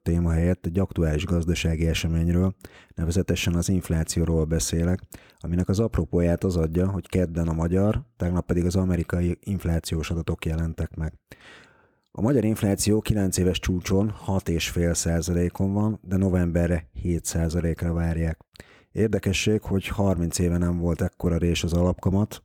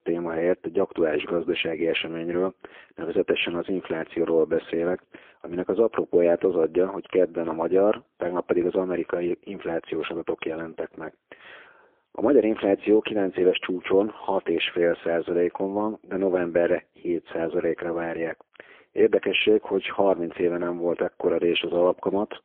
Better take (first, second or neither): first